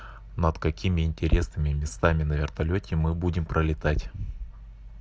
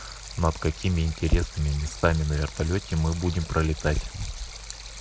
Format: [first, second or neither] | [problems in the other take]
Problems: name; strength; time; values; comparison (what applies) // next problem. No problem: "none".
first | background sound (Stream); 16 dB below the speech